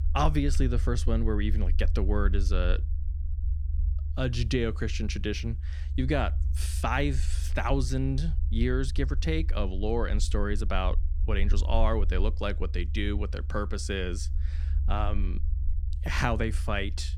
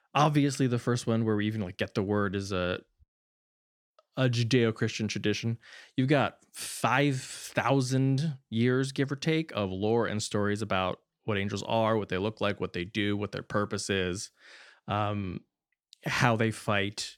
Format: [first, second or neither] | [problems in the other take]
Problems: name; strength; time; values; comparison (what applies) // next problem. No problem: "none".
second | low rumble; noticeable; throughout; 20 dB below the speech